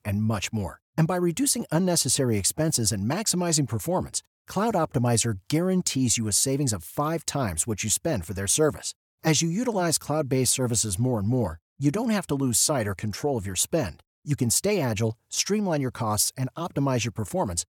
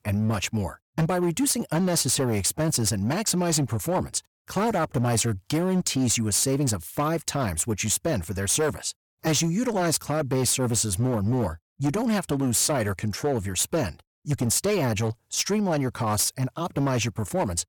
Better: first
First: none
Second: distortion; slight; 11% of the sound clipped

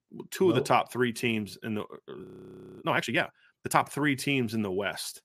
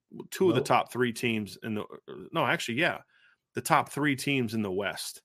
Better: second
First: audio freezing; at 2 s for 0.5 s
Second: none

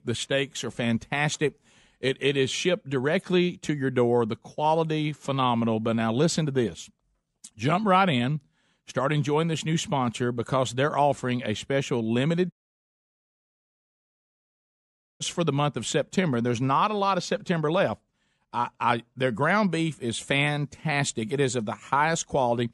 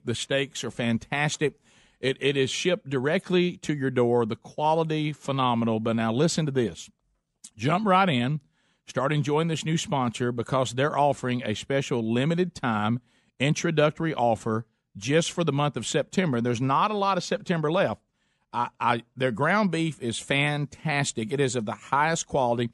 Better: second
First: audio cutting out; at 13 s for 2.5 s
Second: none

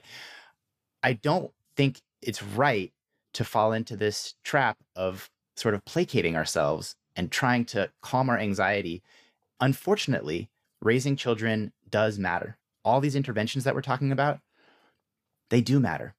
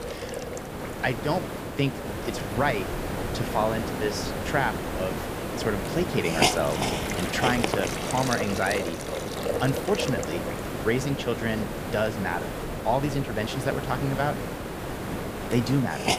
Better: first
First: none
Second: hiss; loud; throughout; 2 dB below the speech

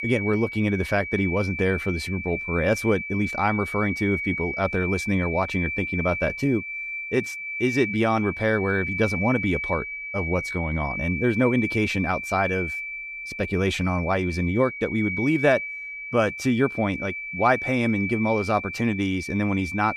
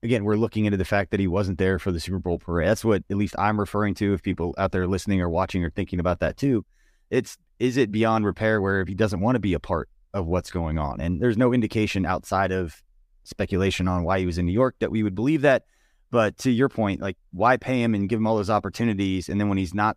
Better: second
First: high-pitched whine; loud; throughout; 2.5 kHz, 5 dB below the speech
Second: none

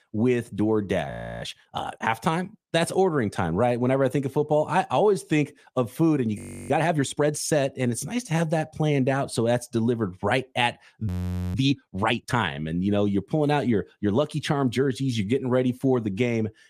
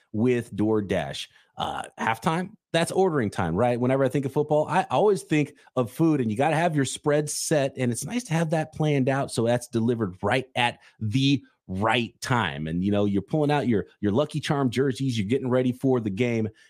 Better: second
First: audio freezing; at 1 s, at 6.5 s and at 11 s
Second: none

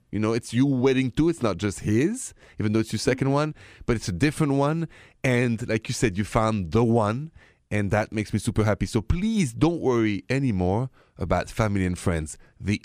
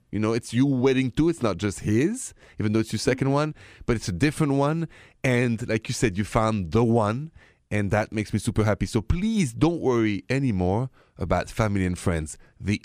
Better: neither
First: none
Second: none

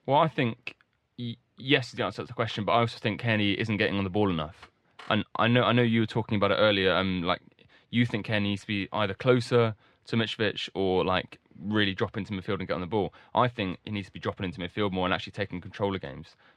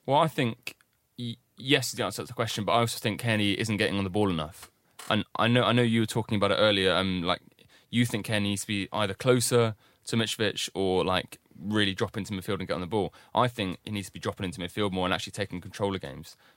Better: second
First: muffled; slightly; fading above 3 kHz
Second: none

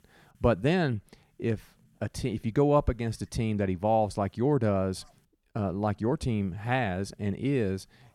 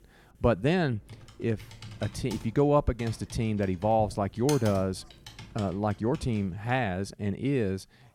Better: first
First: none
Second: keyboard typing; noticeable; from 1 to 6 s; peak 8 dB below the speech

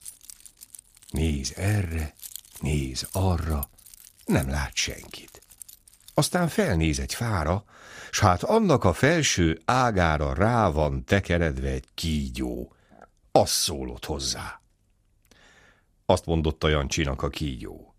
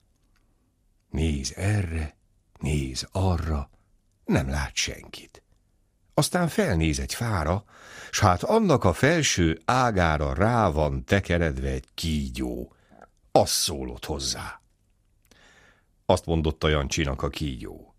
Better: second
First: jangling keys; faint; until 6.5 s; peak 15 dB below the speech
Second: none

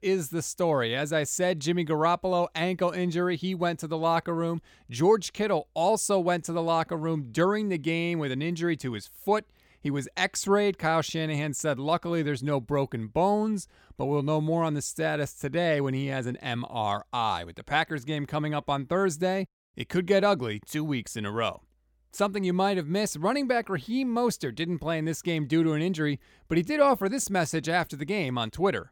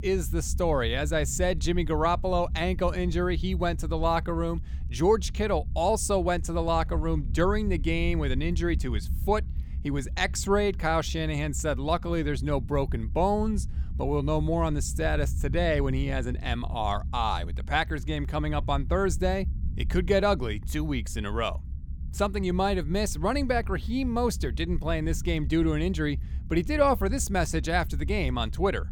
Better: first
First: none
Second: low rumble; faint; throughout; 20 dB below the speech

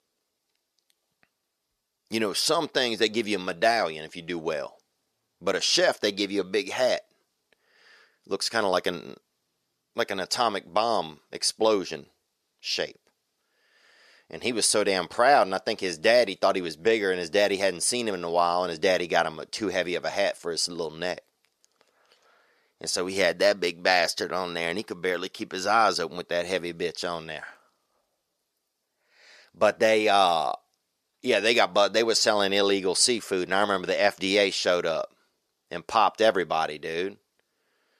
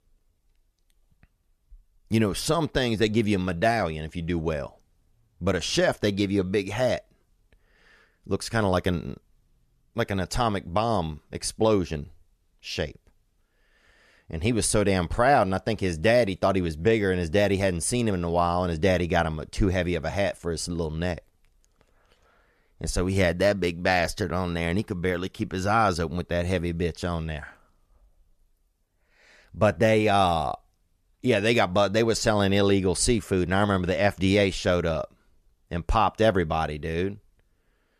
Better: second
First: thin; somewhat; fading below 350 Hz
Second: none

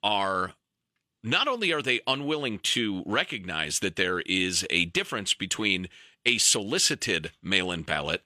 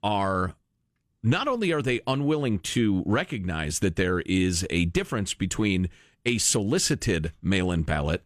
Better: second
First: thin; somewhat; fading below 950 Hz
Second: none

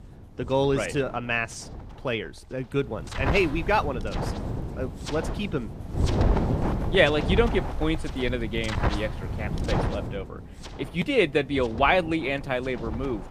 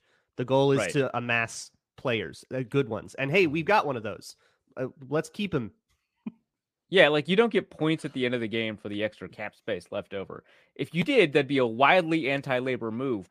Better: second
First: wind noise on the microphone; heavy; 9 dB below the speech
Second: none

